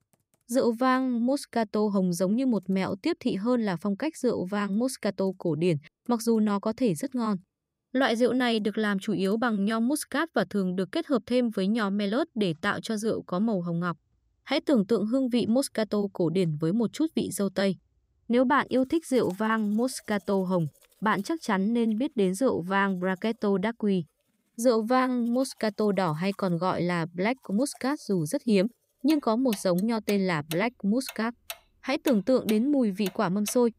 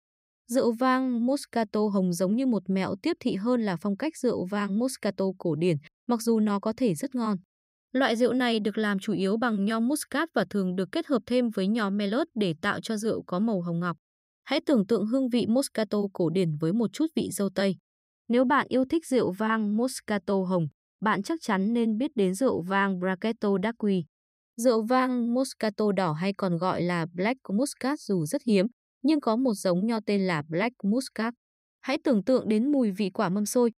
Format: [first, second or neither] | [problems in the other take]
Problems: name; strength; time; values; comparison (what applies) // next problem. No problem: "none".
second | household noises; noticeable; throughout; 20 dB below the speech